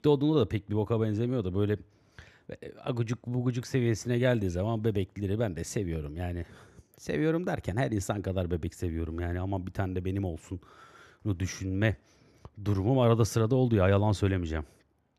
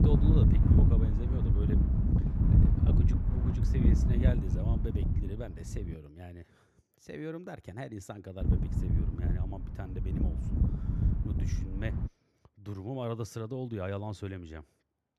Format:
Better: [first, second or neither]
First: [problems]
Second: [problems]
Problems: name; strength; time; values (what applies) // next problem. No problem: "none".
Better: first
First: none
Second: wind noise on the microphone; heavy; until 6 s and from 8.5 to 12 s; 3 dB above the speech